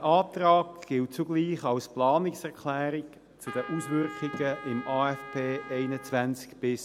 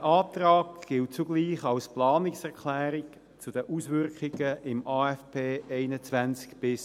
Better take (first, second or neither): second